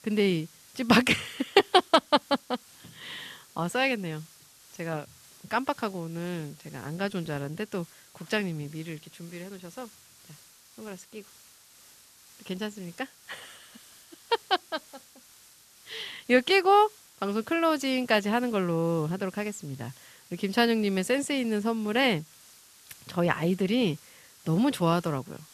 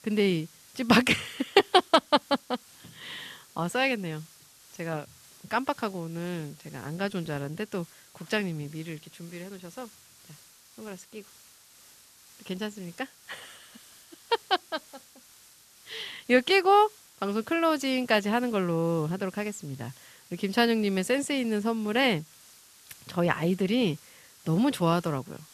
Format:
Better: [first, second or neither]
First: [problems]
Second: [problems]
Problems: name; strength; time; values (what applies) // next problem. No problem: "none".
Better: neither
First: hiss; faint; throughout; 25 dB below the speech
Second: hiss; faint; throughout; 25 dB below the speech